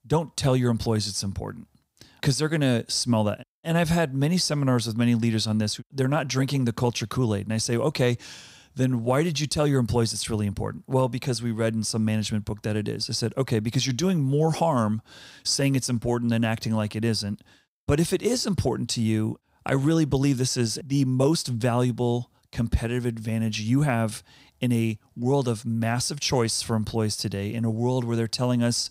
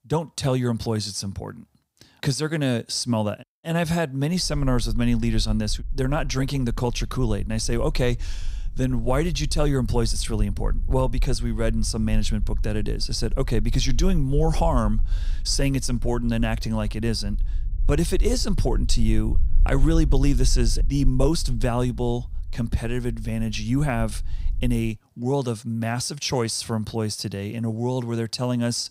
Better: first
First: none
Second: low rumble; faint; from 4.5 to 25 s; 25 dB below the speech

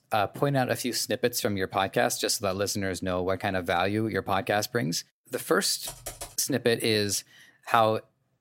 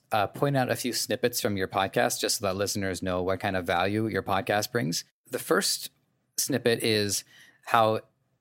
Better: second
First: keyboard typing; faint; at 6 s; peak 10 dB below the speech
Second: none

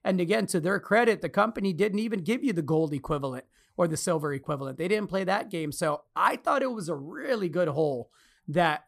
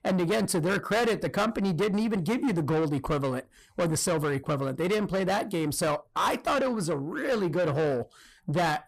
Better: first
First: none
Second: distortion; heavy; 7 dB below the speech

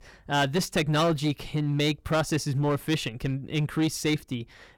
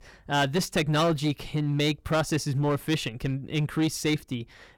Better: neither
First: distortion; slight; 8% of the sound clipped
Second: distortion; slight; 8% of the sound clipped

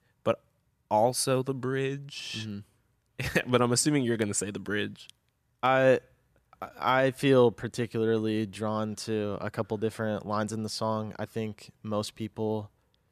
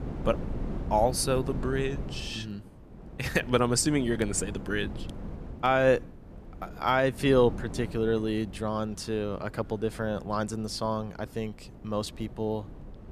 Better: first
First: none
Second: wind noise on the microphone; occasional gusts; 20 dB below the speech

